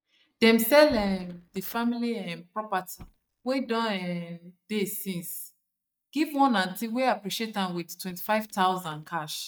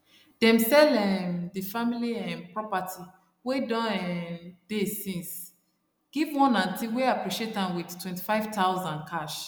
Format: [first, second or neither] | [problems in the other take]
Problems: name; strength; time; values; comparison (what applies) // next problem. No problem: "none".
second | noise reduction (neural mask model DeepFilterNet 3)